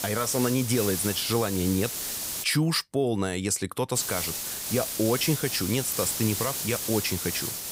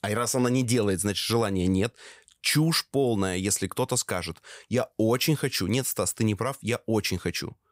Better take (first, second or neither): second